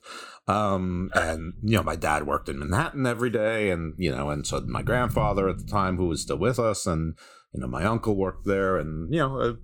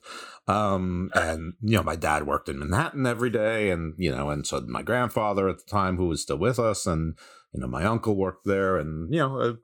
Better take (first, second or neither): second